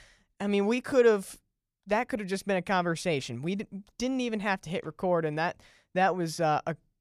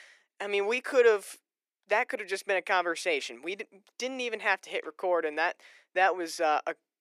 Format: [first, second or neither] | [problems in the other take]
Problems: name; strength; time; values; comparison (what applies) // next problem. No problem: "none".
first | thin; very; fading below 350 Hz